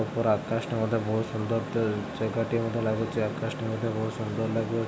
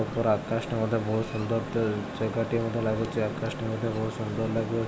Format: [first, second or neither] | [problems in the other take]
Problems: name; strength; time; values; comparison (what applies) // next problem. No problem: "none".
first | background sound (Mechanisms + Livestock, farm animals, working animals); 19 dB below the speech